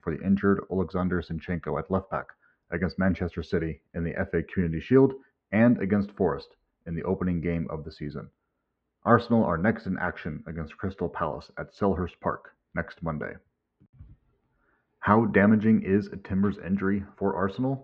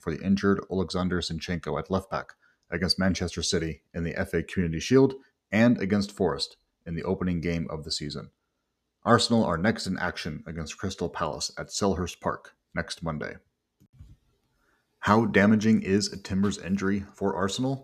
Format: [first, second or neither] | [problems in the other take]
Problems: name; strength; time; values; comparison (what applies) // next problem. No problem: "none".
second | muffled; very; fading above 2 kHz